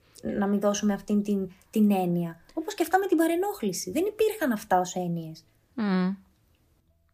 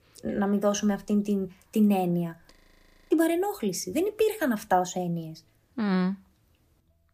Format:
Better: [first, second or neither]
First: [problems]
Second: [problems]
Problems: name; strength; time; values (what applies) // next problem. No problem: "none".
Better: first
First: none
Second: audio freezing; at 2.5 s for 0.5 s